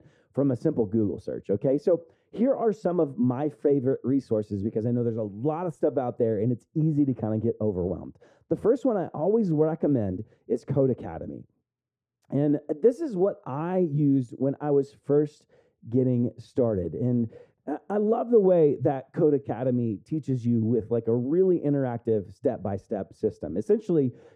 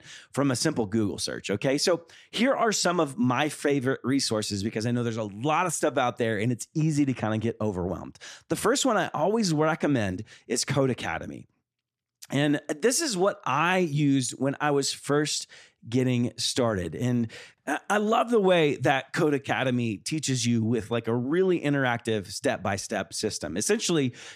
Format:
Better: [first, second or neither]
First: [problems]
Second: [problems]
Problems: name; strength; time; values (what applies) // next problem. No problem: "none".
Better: second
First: muffled; very; fading above 1 kHz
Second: none